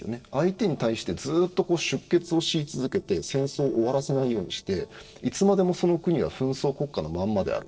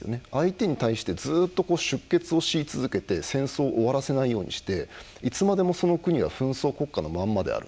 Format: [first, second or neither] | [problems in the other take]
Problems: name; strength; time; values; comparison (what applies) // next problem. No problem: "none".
second | noise reduction (neural separator model SepFormer DNS4)